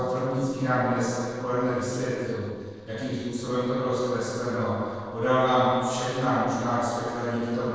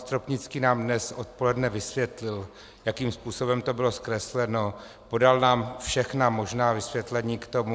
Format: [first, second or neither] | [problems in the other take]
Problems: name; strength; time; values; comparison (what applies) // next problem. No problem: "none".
second | noise reduction (neural separator model SepFormer DNS4)